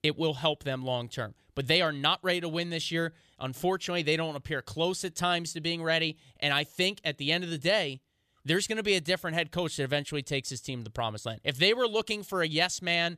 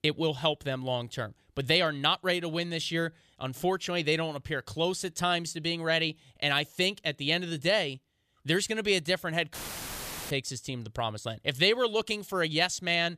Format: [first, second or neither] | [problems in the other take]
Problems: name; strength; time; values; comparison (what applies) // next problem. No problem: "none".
first | audio cutting out; filled with static; at 9.5 s for 1 s